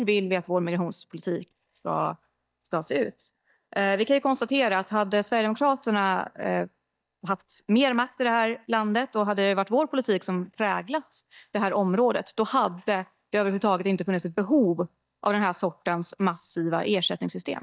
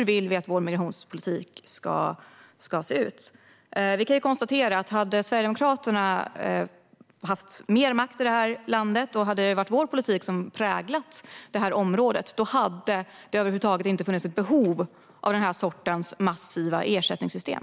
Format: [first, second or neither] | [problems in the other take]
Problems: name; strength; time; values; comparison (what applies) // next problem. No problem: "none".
second | noise reduction (neural mask model DeepFilterNet 3)